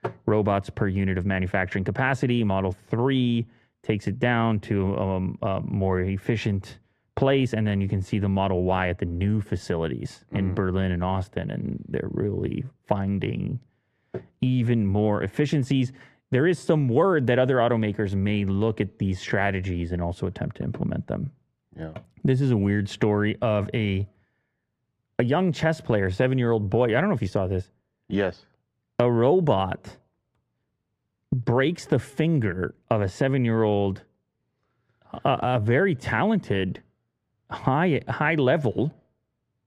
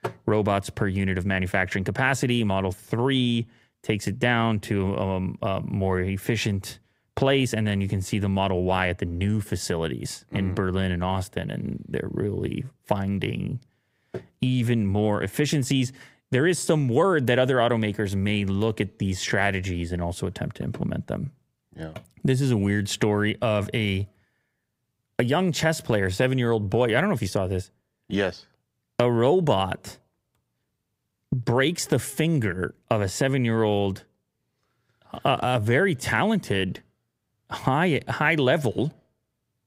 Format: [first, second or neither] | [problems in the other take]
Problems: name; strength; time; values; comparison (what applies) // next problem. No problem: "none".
second | muffled; slightly; fading above 1.5 kHz